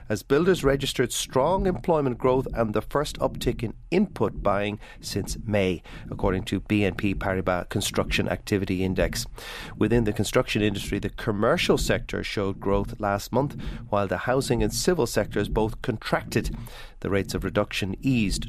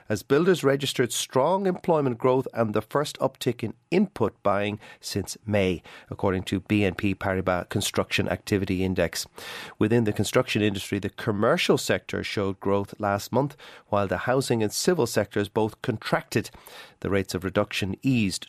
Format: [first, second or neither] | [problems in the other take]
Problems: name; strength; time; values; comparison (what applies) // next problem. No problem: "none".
second | low rumble; faint; throughout; 20 dB below the speech